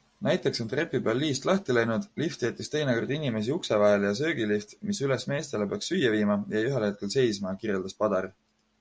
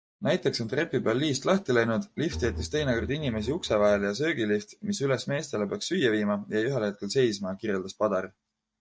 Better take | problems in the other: first | noise reduction (neural mask model DeepFilterNet 3)

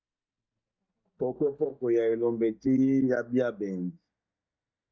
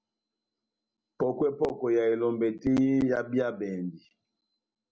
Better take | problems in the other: second | noise reduction (neural mask model DeepFilterNet 3)

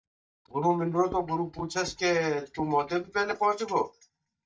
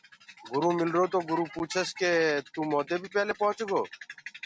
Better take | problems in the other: second | noise reduction (neural mask model DeepFilterNet 3)

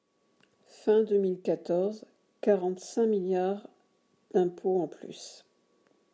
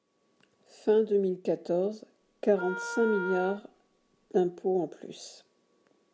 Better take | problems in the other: first | background sound (Wind instrument, woodwind instrument); 9 dB below the speech

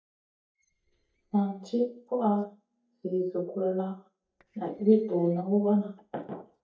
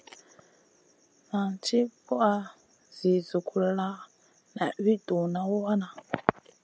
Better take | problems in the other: second | noise reduction (neural mask model DeepFilterNet 3)

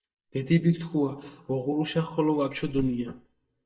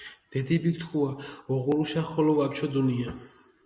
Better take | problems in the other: second | noise reduction (neural mask model DeepFilterNet 3)

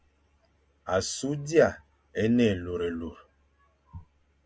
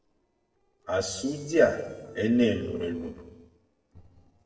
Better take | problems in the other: first | noise reduction (neural separator model SepFormer DNS4)

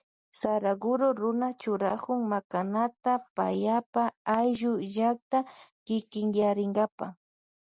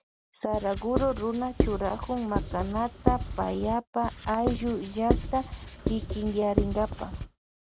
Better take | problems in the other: first | background sound (Writing); 2 dB below the speech

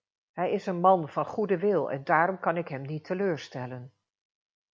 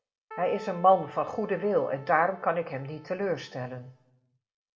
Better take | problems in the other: first | background sound (Keyboard (musical)); 19 dB below the speech // room echo; dies away in 0.5 s

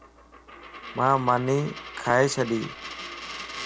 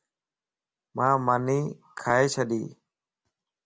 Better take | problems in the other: second | background sound (Coin (dropping)); 12 dB below the speech

